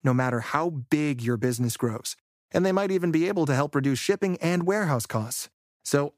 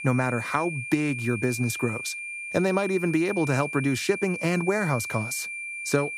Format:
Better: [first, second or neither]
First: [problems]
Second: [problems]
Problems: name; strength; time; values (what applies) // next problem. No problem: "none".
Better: first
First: none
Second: high-pitched whine; loud; throughout; 2.5 kHz, 6 dB below the speech